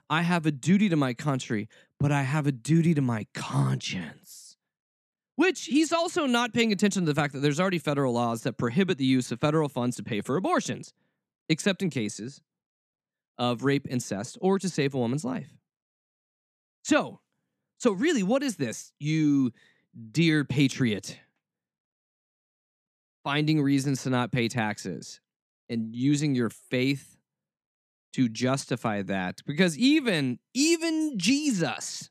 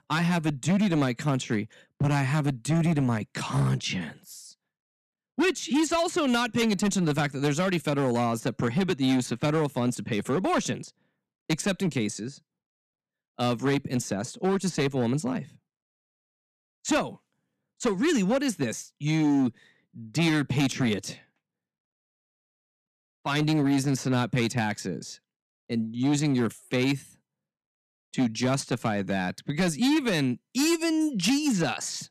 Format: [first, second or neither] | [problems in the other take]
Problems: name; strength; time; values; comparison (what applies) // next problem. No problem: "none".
first | distortion; slight; 8% of the sound clipped